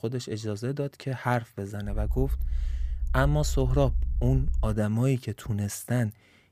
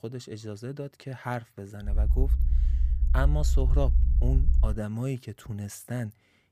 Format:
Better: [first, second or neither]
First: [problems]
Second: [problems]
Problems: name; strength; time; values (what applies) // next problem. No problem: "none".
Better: first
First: low rumble; faint; from 2 to 4.5 s; 20 dB below the speech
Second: low rumble; loud; from 2 to 4.5 s; 9 dB below the speech